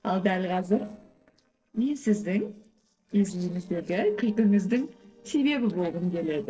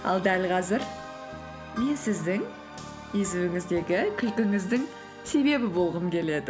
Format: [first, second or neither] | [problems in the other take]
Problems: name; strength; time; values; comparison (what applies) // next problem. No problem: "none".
second | noise reduction (neural separator model SepFormer DNS4)